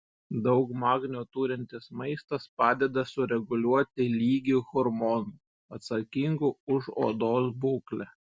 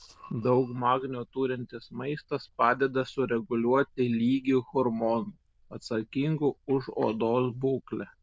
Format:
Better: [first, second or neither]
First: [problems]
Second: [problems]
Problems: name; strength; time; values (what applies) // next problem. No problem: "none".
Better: first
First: none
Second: noise reduction (neural diffusion model UNIVERSE++)